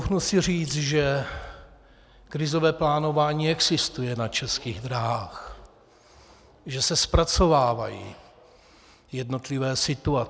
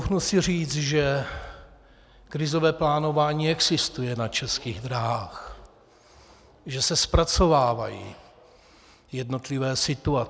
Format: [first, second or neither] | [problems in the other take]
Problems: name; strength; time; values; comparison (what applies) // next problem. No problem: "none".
second | background sound (Rattle (instrument)); 19 dB below the speech